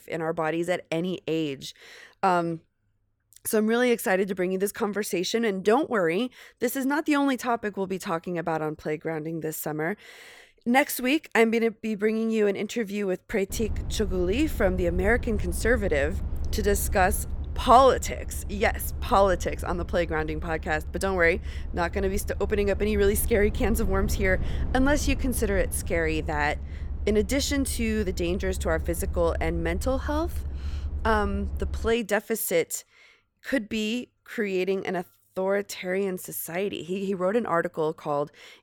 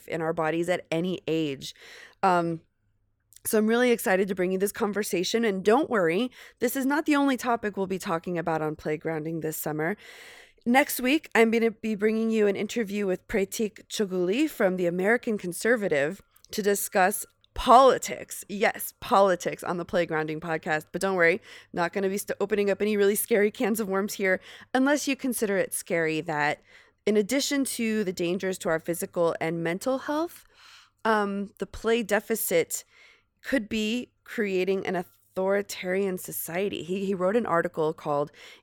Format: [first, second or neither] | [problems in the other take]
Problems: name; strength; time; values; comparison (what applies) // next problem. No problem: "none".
second | low rumble; faint; from 14 to 32 s; 20 dB below the speech